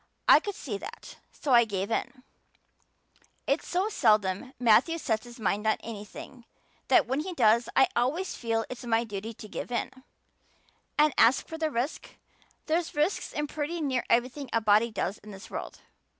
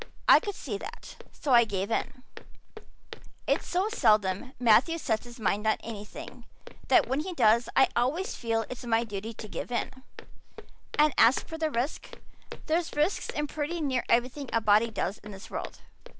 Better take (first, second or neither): first